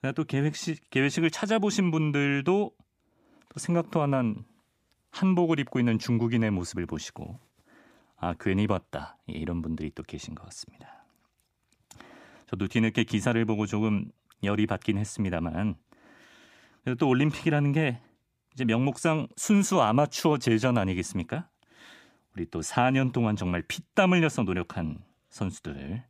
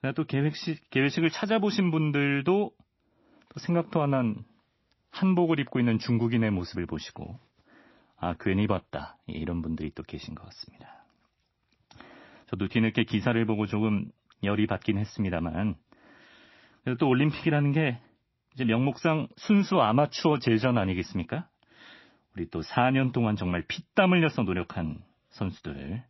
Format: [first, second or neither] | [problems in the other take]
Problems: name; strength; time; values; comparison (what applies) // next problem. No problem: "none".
first | garbled, watery; slightly; nothing above 6 kHz